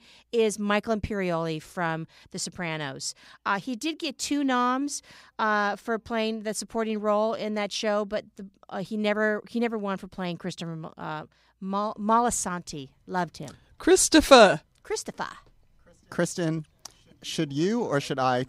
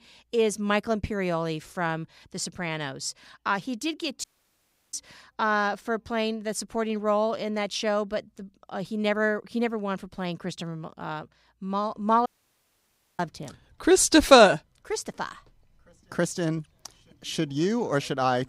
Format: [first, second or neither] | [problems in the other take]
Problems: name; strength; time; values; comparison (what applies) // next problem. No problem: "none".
first | audio cutting out; at 4 s for 0.5 s and at 12 s for 1 s